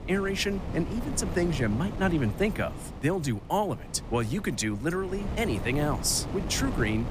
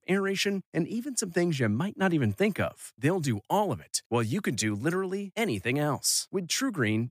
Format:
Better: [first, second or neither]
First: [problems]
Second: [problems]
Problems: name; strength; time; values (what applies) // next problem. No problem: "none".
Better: second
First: wind noise on the microphone; occasional gusts; 10 dB below the speech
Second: none